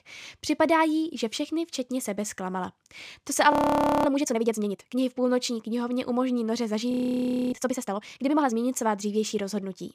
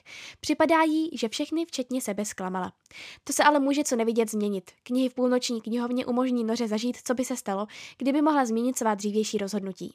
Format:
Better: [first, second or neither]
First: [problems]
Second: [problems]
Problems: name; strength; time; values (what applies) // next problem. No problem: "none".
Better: second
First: audio freezing; at 3.5 s for 0.5 s and at 7 s for 0.5 s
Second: none